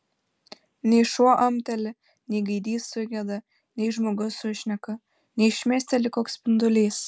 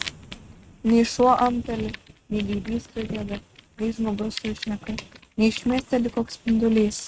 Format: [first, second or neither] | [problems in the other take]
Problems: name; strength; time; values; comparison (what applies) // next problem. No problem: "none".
first | noise reduction (neural mask model RNNoise)